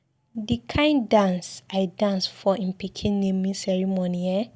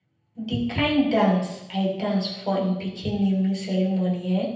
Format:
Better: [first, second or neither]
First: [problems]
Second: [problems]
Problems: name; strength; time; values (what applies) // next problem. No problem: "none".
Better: first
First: none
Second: room echo; dies away in 0.9 s